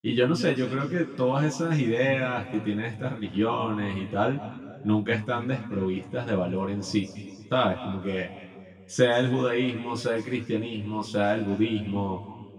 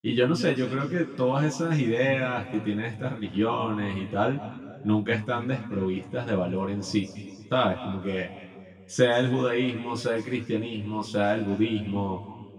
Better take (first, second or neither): neither